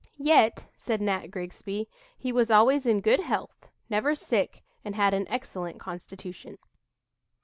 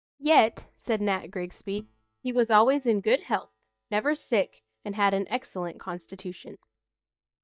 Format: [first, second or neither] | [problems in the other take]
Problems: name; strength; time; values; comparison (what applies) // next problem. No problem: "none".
first | noise reduction (neural mask model DeepFilterNet 3)